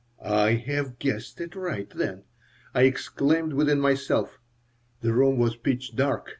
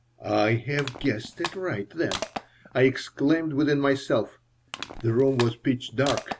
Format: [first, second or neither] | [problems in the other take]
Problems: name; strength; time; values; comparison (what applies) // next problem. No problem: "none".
first | background sound (Crushing); 13 dB below the speech